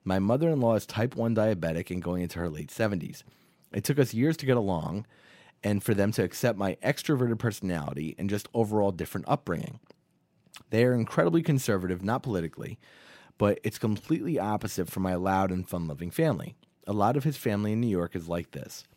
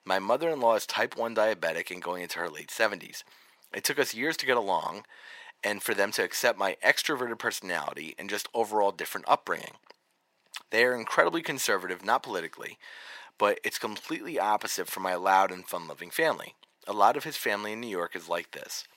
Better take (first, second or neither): first